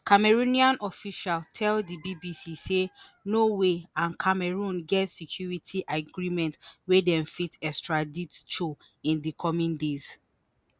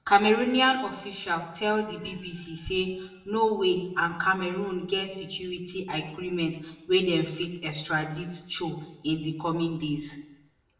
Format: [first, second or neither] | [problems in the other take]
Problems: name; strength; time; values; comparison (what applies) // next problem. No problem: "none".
first | room echo; dies away in 0.9 s